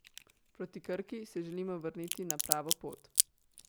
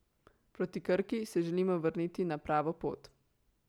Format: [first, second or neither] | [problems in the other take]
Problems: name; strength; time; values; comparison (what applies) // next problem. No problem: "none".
second | background sound (Crack); 3 dB above the speech